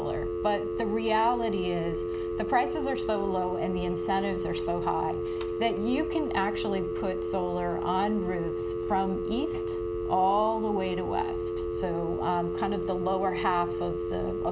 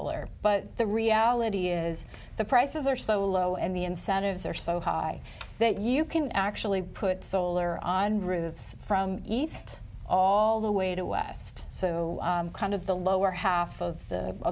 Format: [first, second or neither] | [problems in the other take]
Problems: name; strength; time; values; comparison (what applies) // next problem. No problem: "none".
second | background sound (Telephone); 1 dB below the speech // room echo; dies away in 0.5 s